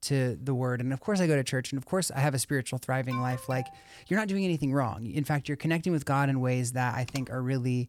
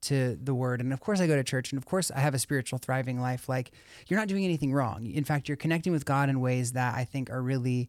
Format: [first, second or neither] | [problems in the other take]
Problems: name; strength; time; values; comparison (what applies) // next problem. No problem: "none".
second | alarm; noticeable; at 3 s; peak 10 dB below the speech // keyboard typing; faint; at 7 s; peak 15 dB below the speech